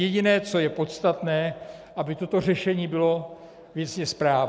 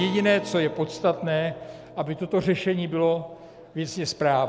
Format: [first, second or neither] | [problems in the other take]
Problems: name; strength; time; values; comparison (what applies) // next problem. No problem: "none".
first | background sound (Acoustic guitar); 18 dB below the speech